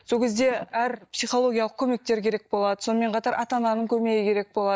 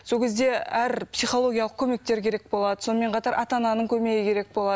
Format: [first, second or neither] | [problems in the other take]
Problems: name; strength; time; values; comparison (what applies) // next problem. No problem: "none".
second | noise reduction (neural mask model DeepFilterNet 3)